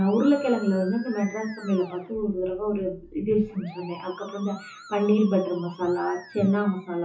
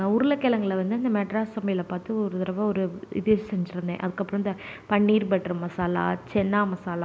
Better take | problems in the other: second | noise reduction (classical method WPE with log-MMSE)

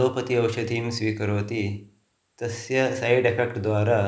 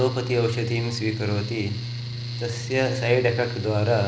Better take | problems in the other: first | background sound (Mechanical fan); 6 dB below the speech

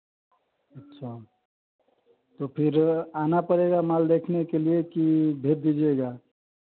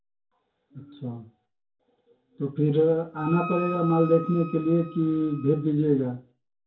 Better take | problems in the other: first | background sound (Wind instrument, woodwind instrument); 12 dB below the speech // room echo; dies away in 0.3 s

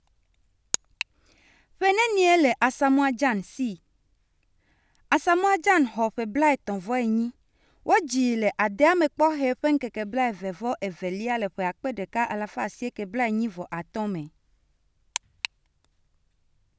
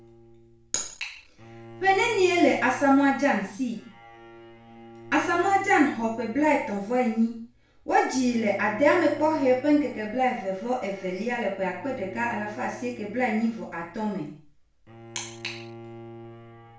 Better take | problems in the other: first | background sound (Bowed string instrument); 19 dB below the speech // room echo; dies away in 0.5 s

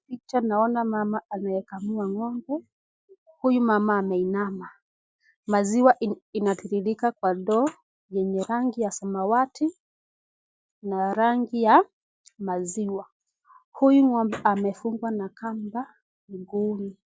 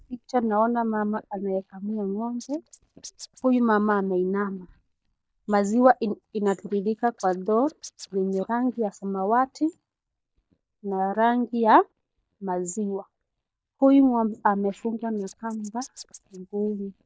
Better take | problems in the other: first | noise reduction (neural mask model DeepFilterNet 3)

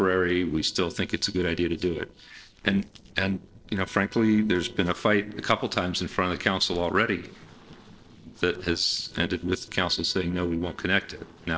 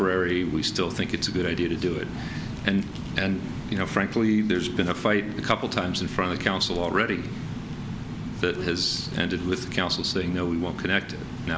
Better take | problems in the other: second | noise reduction (neural separator model SepFormer DNS4)

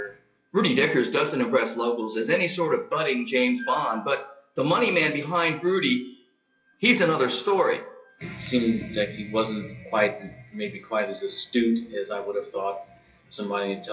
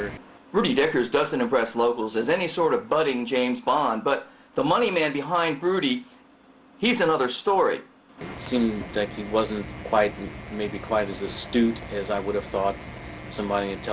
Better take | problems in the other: second | noise reduction (classical method WPE with log-MMSE)

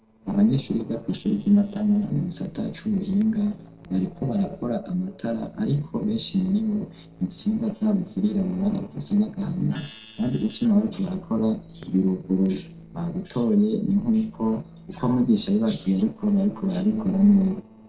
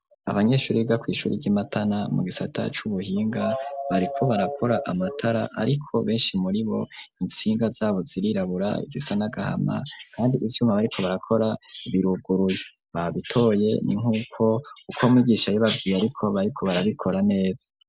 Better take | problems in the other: second | noise reduction (neural separator model SepFormer DNS4)

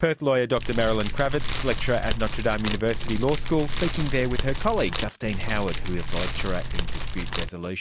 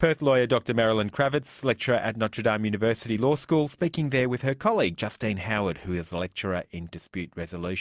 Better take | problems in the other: second | background sound (Fire); 1 dB above the speech

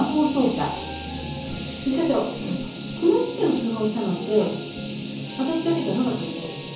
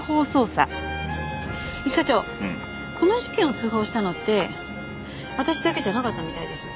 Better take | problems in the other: second | background sound (Hiss); 16 dB below the speech // room echo; dies away in 0.7 s

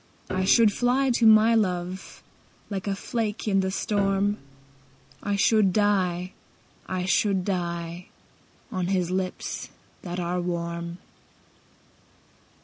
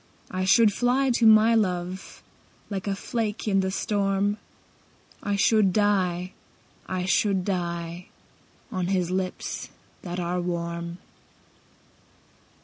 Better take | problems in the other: second | background sound (Piano); 16 dB below the speech

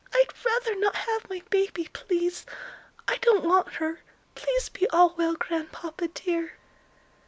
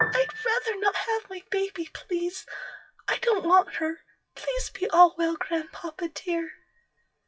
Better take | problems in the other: first | noise reduction (classical method WPE with log-MMSE)

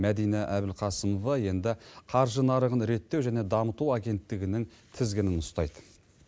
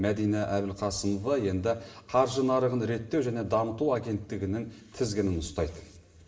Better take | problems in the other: first | room echo; dies away in 0.8 s

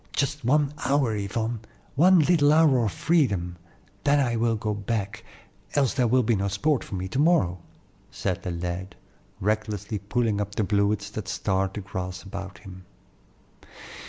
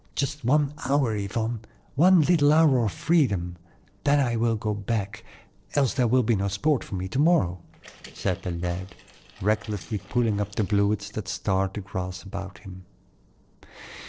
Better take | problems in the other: first | noise reduction (neural separator model SepFormer DNS4)

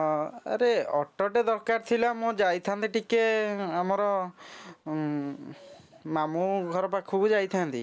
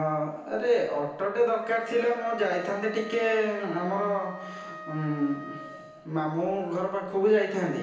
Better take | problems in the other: first | background sound (Wind instrument, woodwind instrument); 17 dB below the speech // room echo; dies away in 0.9 s

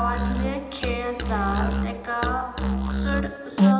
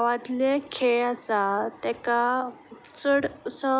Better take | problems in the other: second | background sound (Musical instrument); 4 dB above the speech // room echo; dies away in 2.9 s

